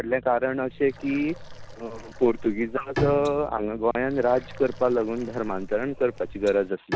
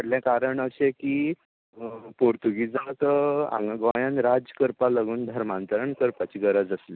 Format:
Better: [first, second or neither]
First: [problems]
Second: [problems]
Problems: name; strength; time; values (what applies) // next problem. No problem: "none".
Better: second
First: background sound (Water + Bowed string instrument); 11 dB below the speech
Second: none